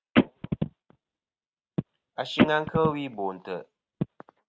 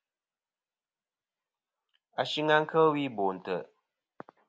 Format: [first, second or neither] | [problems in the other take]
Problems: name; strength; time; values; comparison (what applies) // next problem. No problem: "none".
second | noise reduction (neural mask model RNNoise)